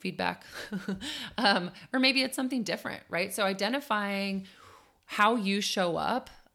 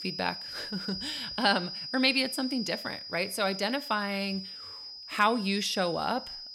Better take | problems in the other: first | high-pitched whine; loud; throughout; 5 kHz, 8 dB below the speech

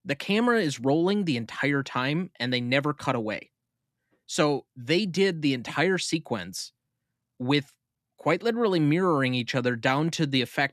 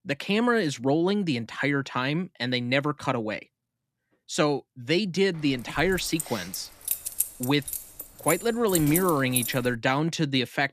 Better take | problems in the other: first | jangling keys; noticeable; from 6 to 9.5 s; peak level with the speech

